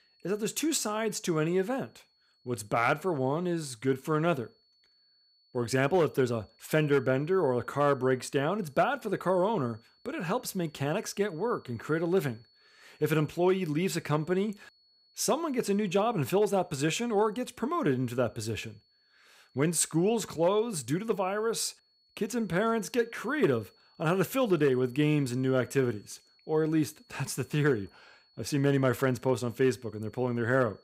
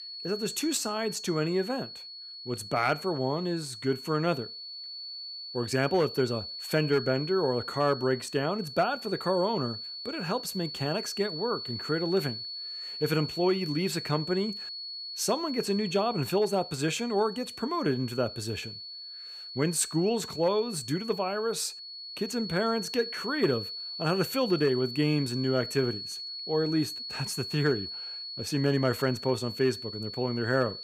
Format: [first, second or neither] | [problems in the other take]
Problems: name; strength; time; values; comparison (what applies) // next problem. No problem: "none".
first | high-pitched whine; loud; throughout; 4.5 kHz, 8 dB below the speech; faint in the first